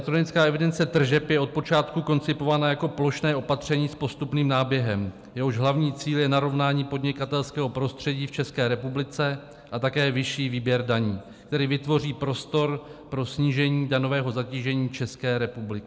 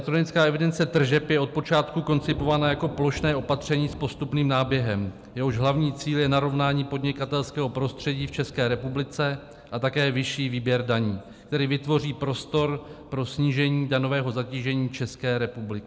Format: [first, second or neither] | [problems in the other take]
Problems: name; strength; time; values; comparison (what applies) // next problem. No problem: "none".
first | background sound (Thunder / Rain); 19 dB below the speech